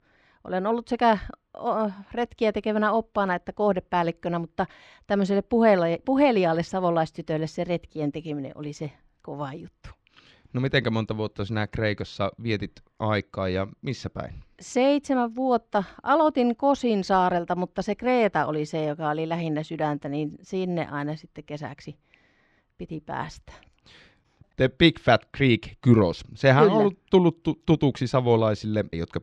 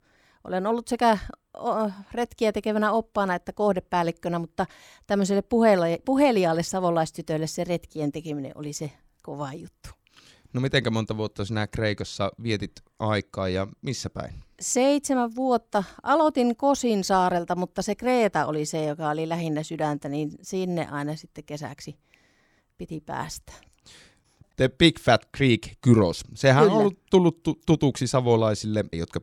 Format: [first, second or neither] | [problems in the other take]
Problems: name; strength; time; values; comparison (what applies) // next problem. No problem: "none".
second | muffled; very slightly; fading above 3 kHz